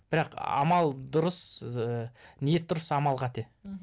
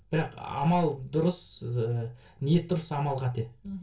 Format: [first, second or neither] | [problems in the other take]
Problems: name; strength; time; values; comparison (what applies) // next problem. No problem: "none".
first | room echo; dies away in 0.2 s